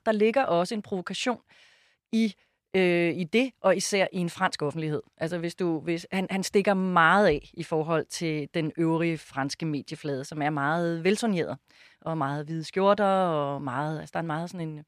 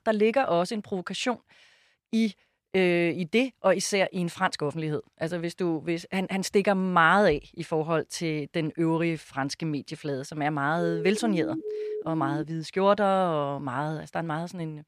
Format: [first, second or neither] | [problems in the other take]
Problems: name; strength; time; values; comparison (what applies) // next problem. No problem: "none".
first | siren; noticeable; from 11 to 12 s; peak 5 dB below the speech